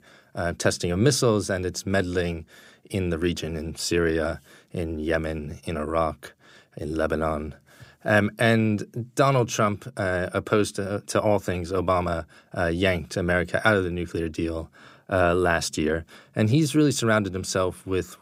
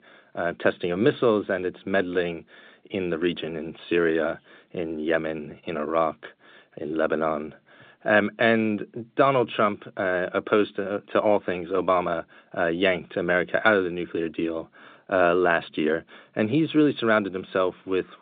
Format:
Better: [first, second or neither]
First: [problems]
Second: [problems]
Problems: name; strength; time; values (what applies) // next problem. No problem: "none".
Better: first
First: none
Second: phone-call audio; nothing above 3.5 kHz